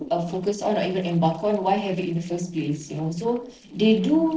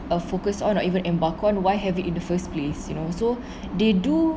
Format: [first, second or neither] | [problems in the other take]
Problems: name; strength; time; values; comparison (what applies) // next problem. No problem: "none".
second | noise reduction (neural separator model SepFormer DNS4)